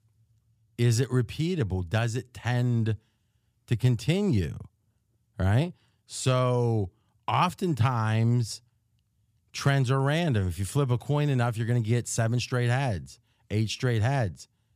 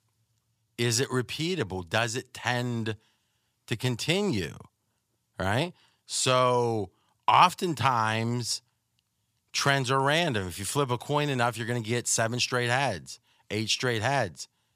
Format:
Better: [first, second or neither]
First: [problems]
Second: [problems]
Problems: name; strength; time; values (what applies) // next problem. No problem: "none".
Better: first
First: none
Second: thin; somewhat; fading below 500 Hz